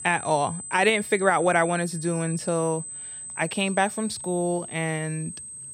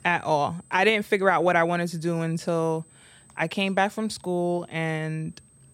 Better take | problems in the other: second | high-pitched whine; loud; throughout; 8 kHz, 10 dB below the speech; faint in the second

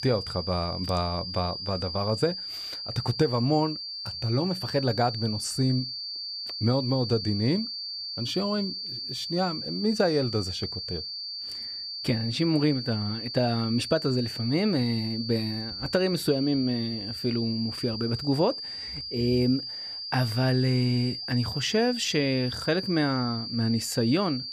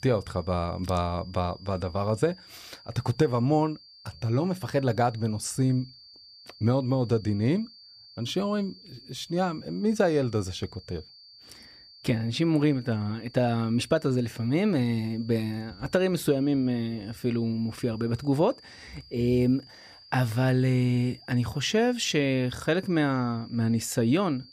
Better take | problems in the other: second | high-pitched whine; loud; throughout; 4.5 kHz, 6 dB below the speech; faint in the second

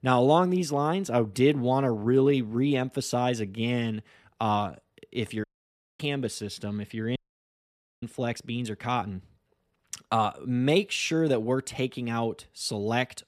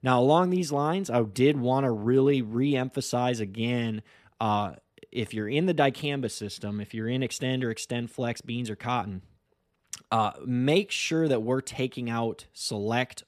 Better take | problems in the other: second | audio cutting out; at 5.5 s for 0.5 s and at 7 s for 1 s

